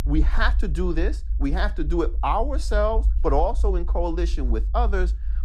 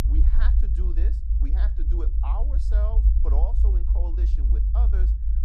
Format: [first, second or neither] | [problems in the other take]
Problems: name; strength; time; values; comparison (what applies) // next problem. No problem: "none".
first | low rumble; loud; throughout; 3 dB below the speech; faint in the first